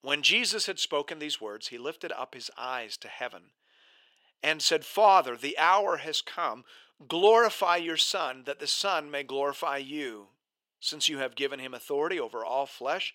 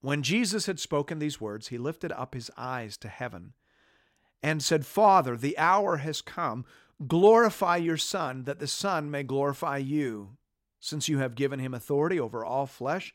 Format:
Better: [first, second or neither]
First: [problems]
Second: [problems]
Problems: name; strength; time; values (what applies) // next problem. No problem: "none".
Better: second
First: thin; somewhat; fading below 500 Hz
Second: none